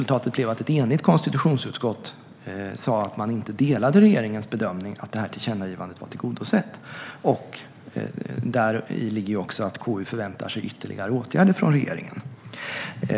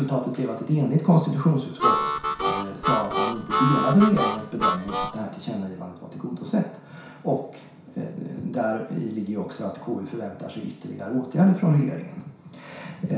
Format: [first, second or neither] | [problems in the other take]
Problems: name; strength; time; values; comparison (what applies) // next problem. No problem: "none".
first | background sound (Harmonica); as loud as the speech // room echo; dies away in 0.6 s